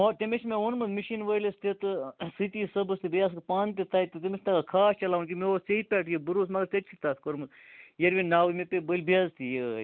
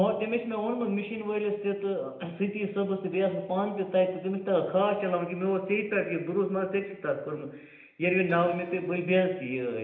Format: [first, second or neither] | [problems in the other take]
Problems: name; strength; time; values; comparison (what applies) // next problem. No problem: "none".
first | background sound (Keyboard (musical)); 19 dB below the speech // room echo; dies away in 0.8 s